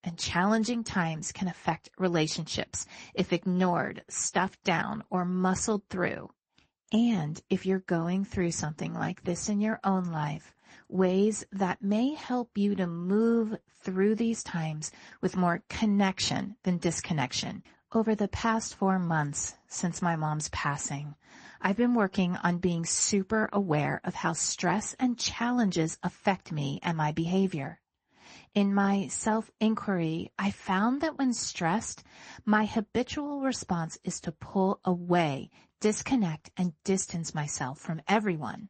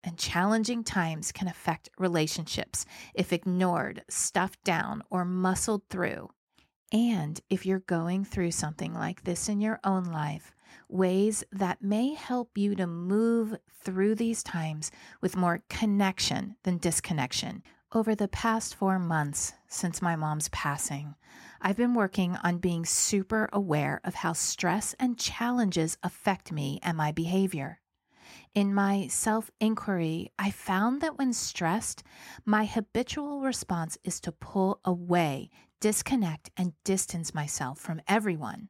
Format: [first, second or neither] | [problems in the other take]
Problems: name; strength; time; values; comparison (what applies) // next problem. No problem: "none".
second | garbled, watery; slightly; nothing above 8 kHz